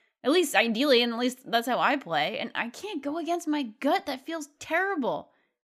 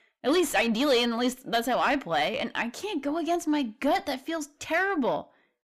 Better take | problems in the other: first | distortion; slight; 10 dB below the speech

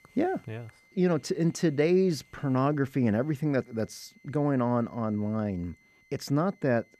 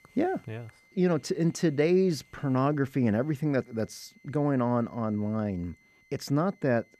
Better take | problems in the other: neither | high-pitched whine; faint; throughout; 2 kHz, 30 dB below the speech; the same in both

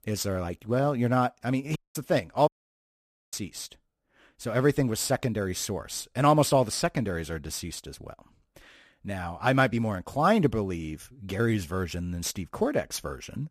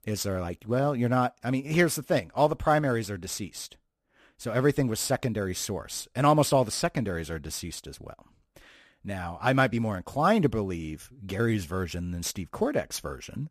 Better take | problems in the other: second | audio cutting out; at 2 s and at 2.5 s for 1 s

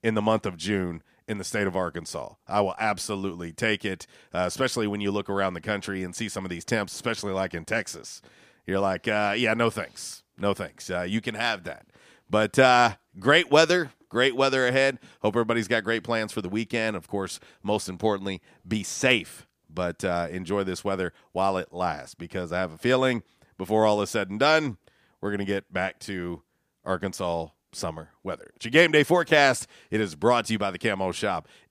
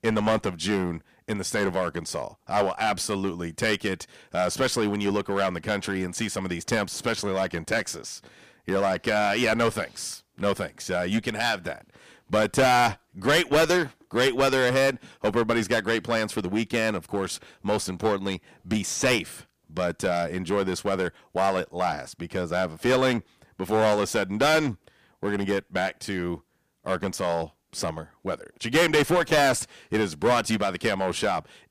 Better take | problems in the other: first | distortion; heavy; 6% of the sound clipped

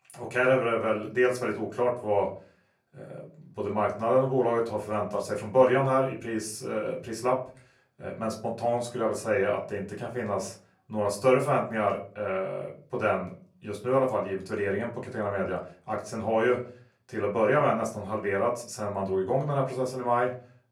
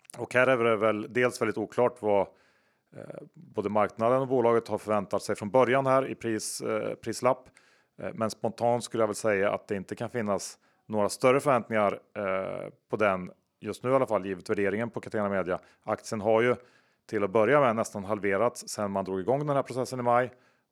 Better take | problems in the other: second | off-mic speech; far // room echo; very slight; dies away in 0.3 s

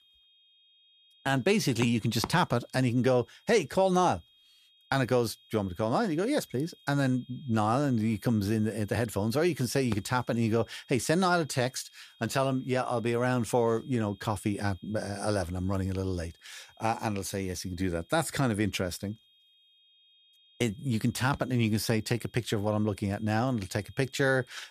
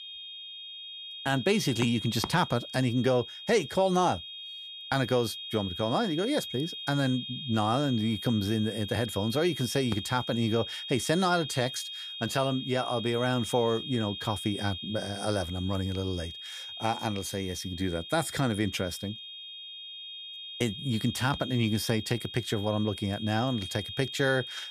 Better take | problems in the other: first | high-pitched whine; loud; throughout; 3 kHz, 8 dB below the speech; faint in the first

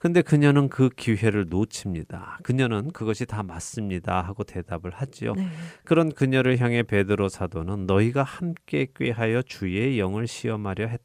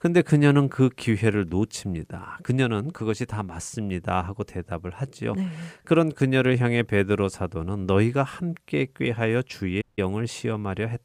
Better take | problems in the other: first | audio cutting out; at 10 s

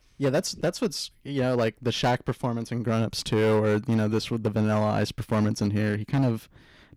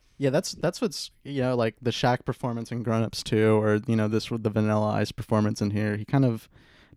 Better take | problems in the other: second | distortion; slight; 7% of the sound clipped

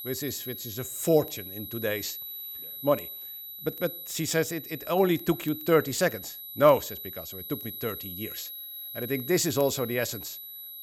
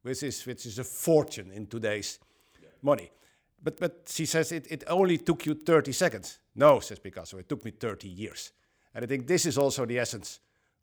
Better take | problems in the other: second | high-pitched whine; loud; throughout; 12 kHz, 9 dB below the speech

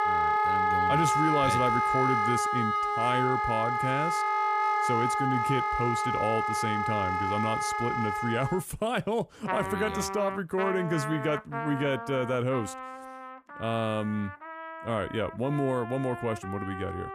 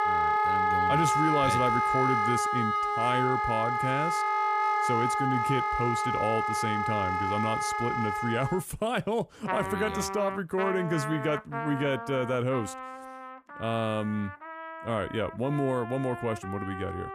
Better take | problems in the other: neither | background music; very loud; throughout; 2 dB above the speech; the same in both

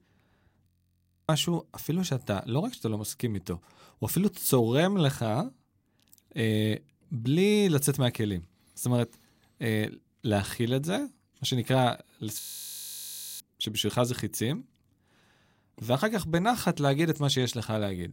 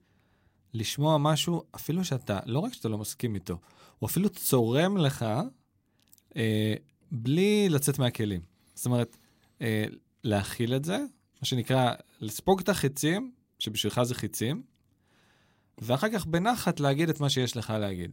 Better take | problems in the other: second | audio freezing; at 0.5 s for 0.5 s and at 12 s for 1 s

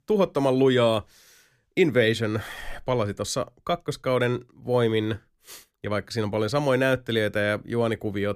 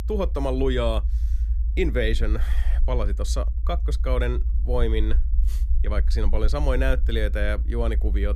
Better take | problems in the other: first | low rumble; noticeable; throughout; 15 dB below the speech

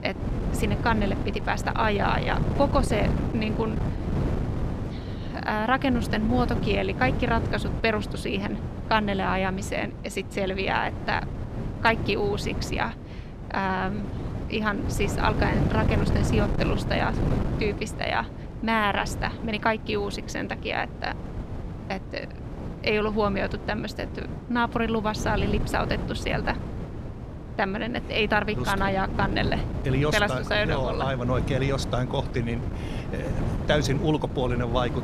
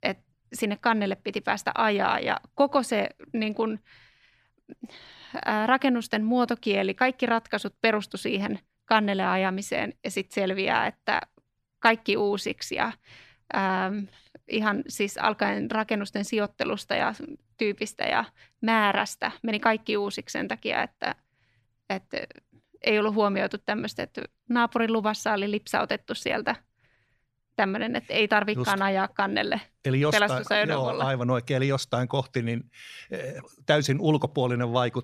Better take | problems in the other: second | wind noise on the microphone; occasional gusts; 10 dB below the speech

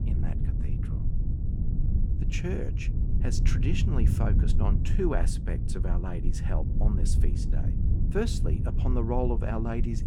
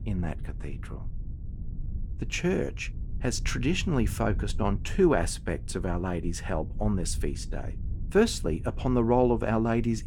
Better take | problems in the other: second | low rumble; loud; throughout; 6 dB below the speech; faint in the second

